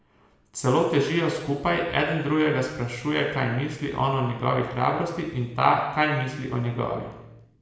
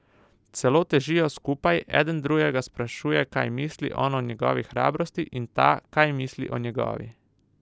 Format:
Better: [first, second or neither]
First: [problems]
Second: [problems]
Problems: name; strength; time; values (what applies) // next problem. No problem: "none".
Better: second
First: room echo; dies away in 1 s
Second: none